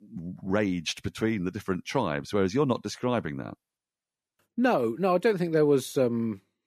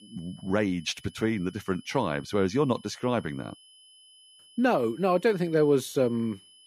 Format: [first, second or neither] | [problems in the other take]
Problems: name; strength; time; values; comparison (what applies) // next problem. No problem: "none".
first | high-pitched whine; faint; throughout; 3 kHz, 25 dB below the speech